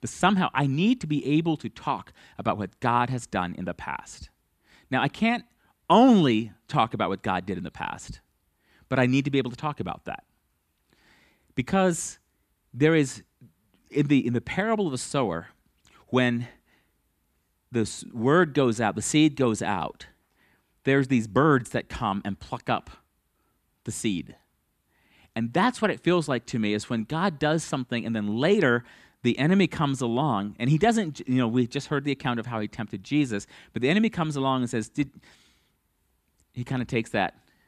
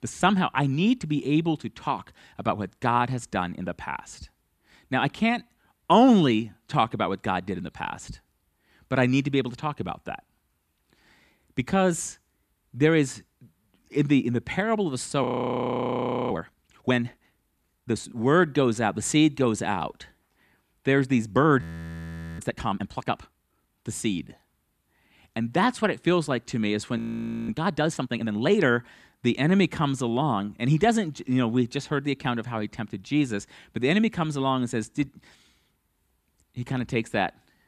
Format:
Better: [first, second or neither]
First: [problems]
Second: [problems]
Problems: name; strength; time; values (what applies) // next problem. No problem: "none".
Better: first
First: none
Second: audio freezing; at 15 s for 1 s, at 22 s for 1 s and at 27 s for 0.5 s